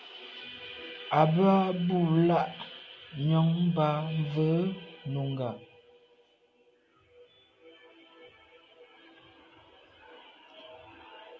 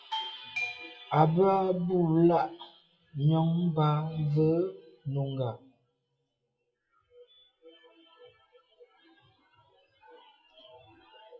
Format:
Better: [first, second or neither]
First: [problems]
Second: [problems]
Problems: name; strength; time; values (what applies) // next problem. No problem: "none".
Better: first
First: none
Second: noise reduction (classical method WPE with log-MMSE)